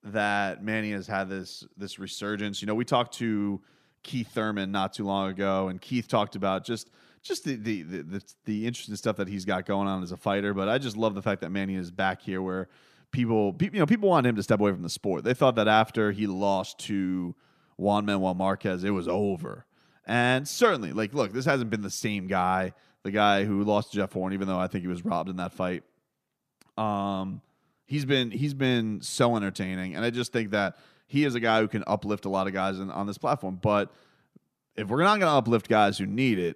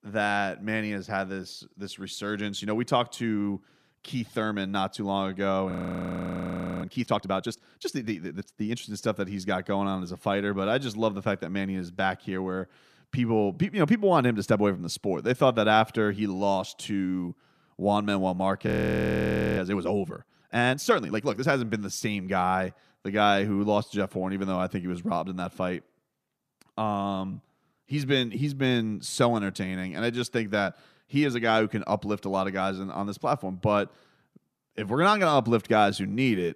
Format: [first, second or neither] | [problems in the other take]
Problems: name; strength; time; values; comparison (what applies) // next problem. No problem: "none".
first | audio freezing; at 5.5 s for 1 s and at 19 s for 1 s